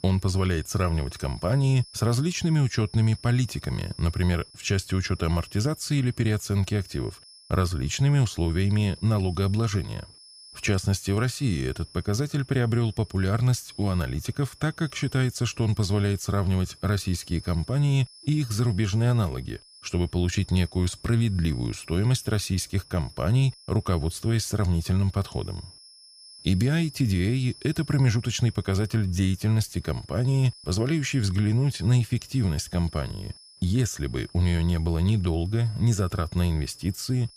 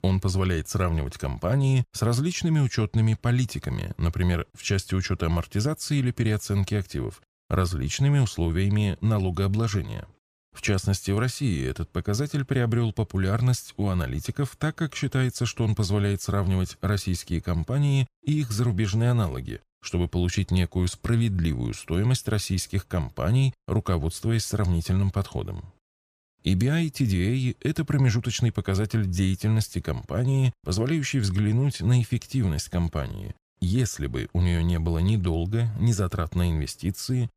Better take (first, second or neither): second